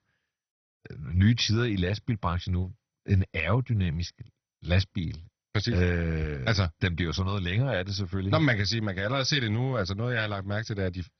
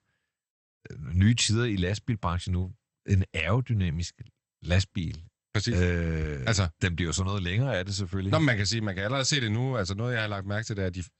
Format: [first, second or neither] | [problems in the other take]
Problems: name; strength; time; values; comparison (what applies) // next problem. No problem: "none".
second | garbled, watery; badly; nothing above 6 kHz; slightly in the second